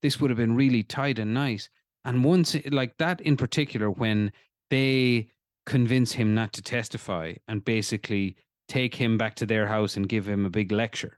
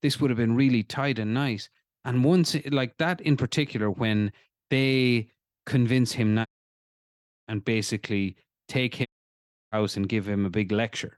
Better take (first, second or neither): first